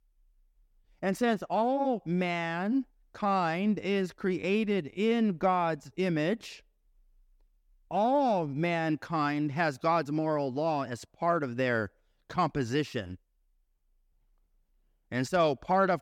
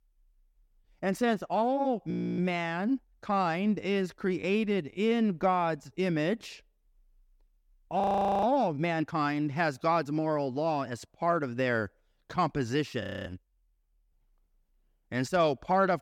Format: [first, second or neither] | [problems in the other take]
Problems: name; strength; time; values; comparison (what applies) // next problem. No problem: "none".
first | audio freezing; at 2 s, at 8 s and at 13 s